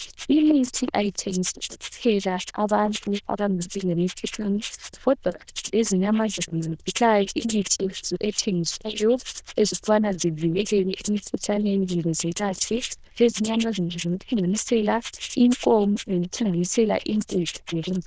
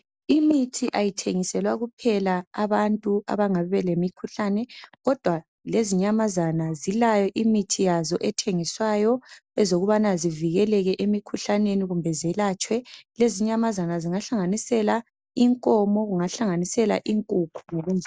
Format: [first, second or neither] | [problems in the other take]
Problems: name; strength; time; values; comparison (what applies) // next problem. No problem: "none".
second | noise reduction (neural diffusion model UNIVERSE++)